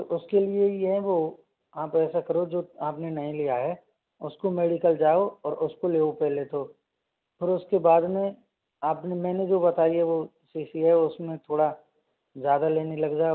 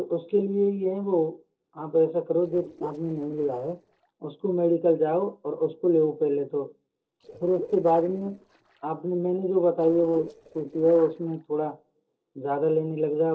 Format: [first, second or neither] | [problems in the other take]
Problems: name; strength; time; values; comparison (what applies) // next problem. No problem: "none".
first | noise reduction (neural separator model SepFormer DNS4)